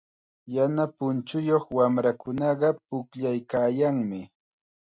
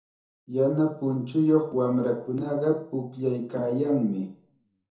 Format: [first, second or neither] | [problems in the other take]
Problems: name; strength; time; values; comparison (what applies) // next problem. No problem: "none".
first | room echo; dies away in 0.6 s